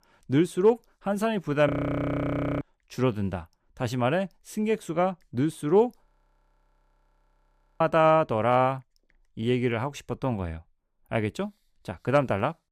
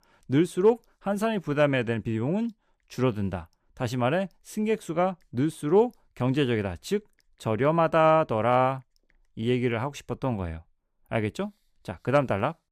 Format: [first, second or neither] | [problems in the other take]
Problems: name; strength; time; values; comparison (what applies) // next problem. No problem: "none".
second | audio freezing; at 1.5 s for 1 s and at 6 s for 2 s